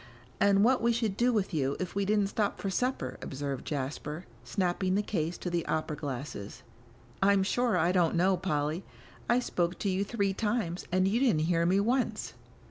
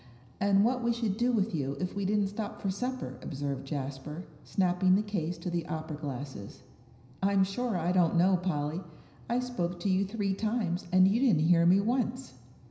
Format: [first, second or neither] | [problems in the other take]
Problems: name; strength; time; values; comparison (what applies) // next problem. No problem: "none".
first | room echo; dies away in 0.9 s